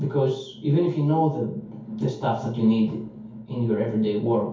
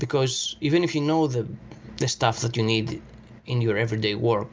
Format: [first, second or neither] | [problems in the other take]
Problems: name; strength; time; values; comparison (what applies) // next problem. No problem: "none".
second | room echo; dies away in 0.6 s